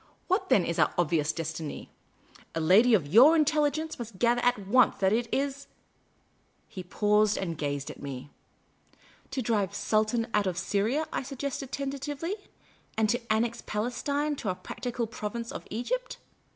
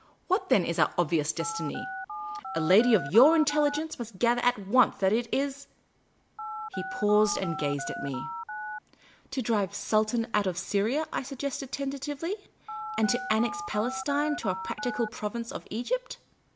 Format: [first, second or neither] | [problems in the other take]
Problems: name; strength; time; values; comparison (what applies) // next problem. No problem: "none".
first | background sound (Telephone); 8 dB below the speech